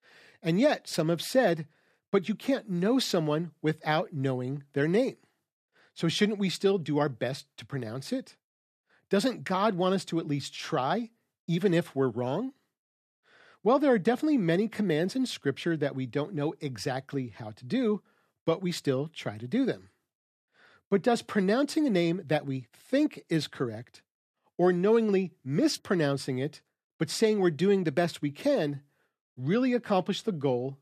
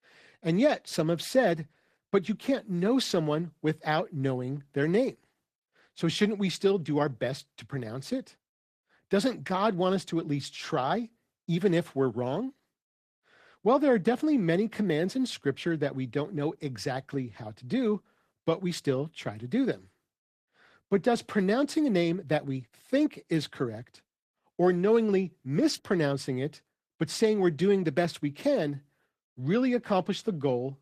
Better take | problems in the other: first | garbled, watery; slightly; nothing above 14.5 kHz

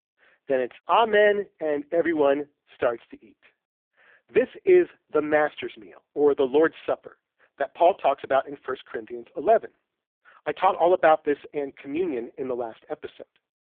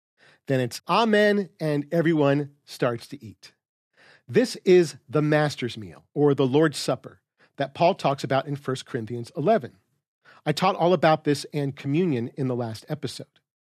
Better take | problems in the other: second | phone-call audio; poor line

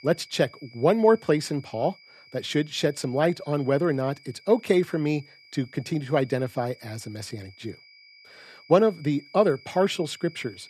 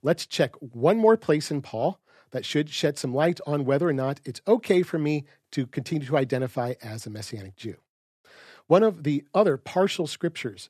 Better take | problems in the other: second | high-pitched whine; faint; throughout; 2.5 kHz, 25 dB below the speech

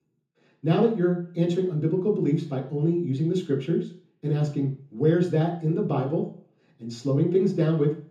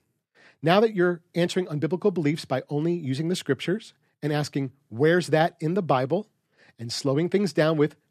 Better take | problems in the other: second | room echo; slight; dies away in 0.6 s // off-mic speech; far

